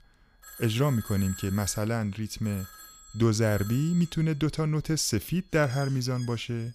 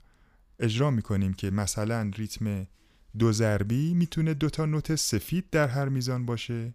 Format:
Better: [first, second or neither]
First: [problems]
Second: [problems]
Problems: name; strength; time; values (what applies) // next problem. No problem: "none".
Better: second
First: alarms or sirens; noticeable; throughout; 15 dB below the speech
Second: none